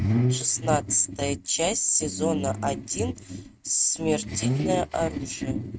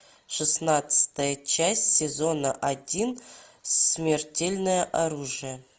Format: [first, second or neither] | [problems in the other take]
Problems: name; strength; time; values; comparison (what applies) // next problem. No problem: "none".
second | noise reduction (neural mask model RNNoise)